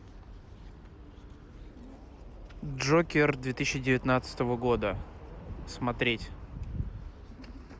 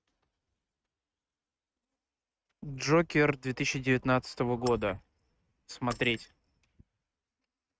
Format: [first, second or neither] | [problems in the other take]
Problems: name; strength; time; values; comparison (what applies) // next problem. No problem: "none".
first | noise reduction (neural mask model RNNoise)